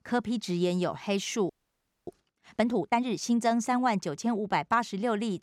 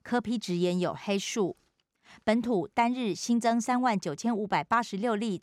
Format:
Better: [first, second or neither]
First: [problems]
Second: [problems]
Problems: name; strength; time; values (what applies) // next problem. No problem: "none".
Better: second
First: audio freezing; at 1.5 s for 0.5 s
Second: none